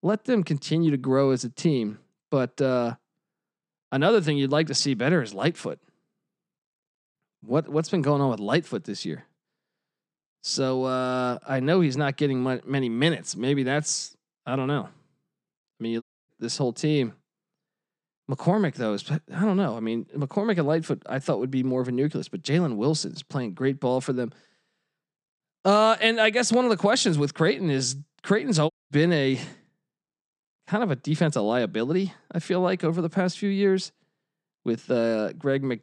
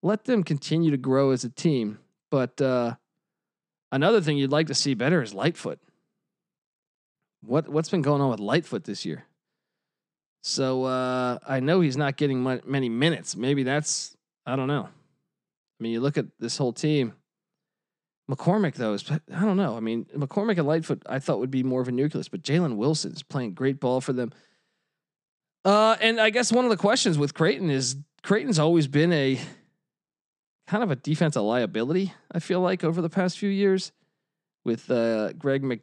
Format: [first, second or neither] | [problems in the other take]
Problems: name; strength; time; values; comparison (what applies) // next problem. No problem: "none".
second | audio cutting out; at 16 s and at 29 s